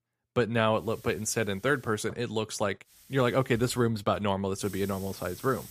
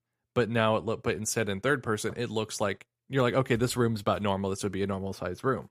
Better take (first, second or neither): second